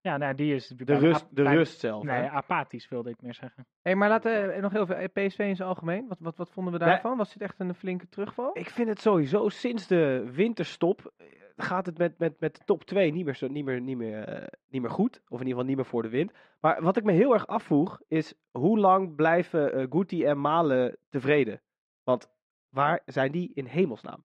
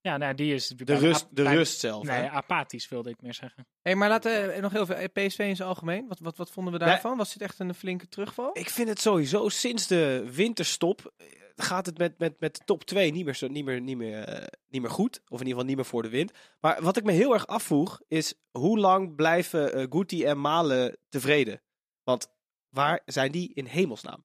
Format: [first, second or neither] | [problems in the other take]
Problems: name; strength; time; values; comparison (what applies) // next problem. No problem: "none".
second | muffled; very; fading above 2 kHz